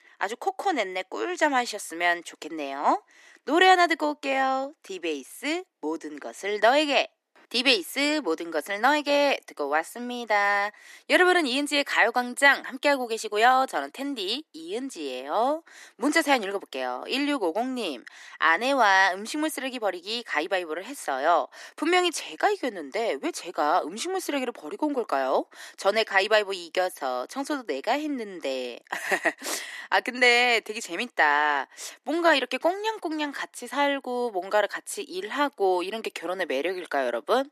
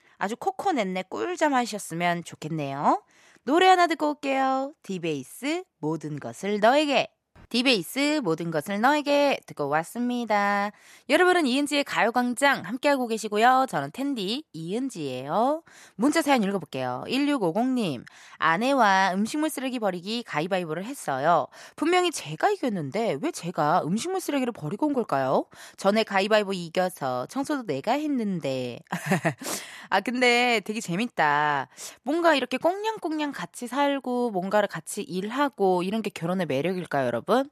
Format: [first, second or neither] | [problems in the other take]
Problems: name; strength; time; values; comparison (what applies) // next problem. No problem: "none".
second | thin; very slightly; fading below 300 Hz